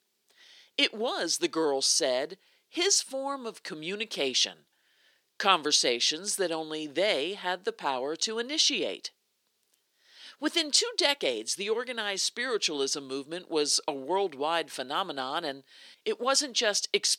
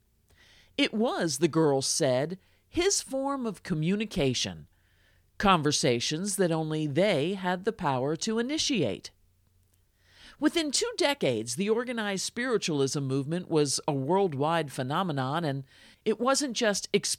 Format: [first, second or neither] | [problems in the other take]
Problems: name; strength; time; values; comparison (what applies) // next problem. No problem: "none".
second | thin; somewhat; fading below 300 Hz